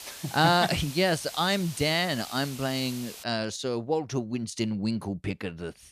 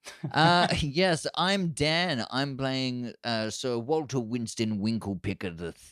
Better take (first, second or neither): second